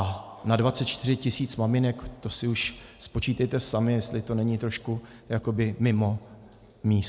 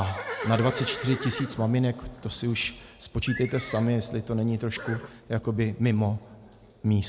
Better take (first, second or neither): first